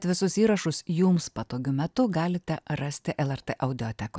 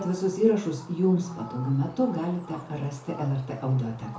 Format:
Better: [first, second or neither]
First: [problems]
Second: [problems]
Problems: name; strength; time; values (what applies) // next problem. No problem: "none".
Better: first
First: none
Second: background sound (Fowl); 20 dB below the speech // room echo; dies away in 0.6 s